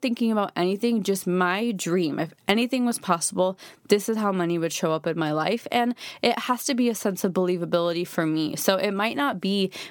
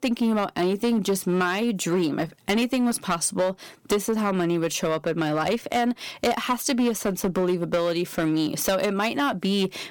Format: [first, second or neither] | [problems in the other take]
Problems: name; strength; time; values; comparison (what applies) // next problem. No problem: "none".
first | distortion; slight; 8% of the sound clipped